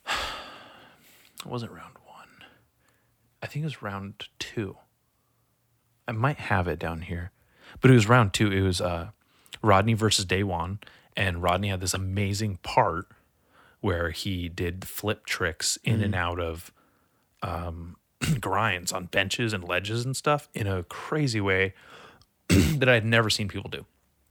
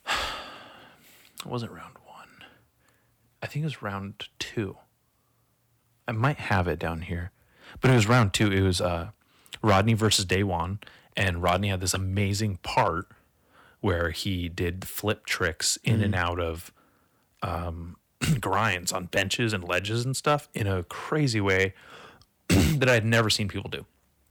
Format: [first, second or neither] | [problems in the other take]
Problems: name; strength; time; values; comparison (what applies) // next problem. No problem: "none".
first | distortion; slight; 1.3% of the sound clipped